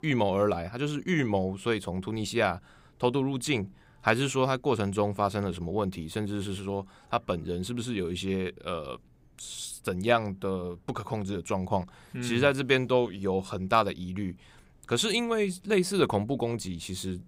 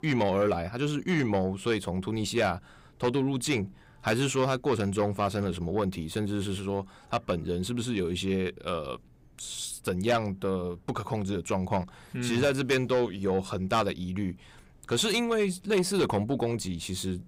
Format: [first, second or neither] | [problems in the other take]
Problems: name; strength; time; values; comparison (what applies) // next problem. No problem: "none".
first | distortion; slight; 10 dB below the speech